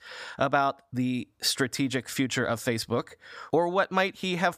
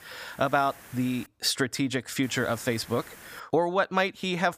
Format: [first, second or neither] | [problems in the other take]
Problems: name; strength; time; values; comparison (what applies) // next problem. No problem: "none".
first | hiss; noticeable; until 1.5 s and from 2 to 3.5 s; 20 dB below the speech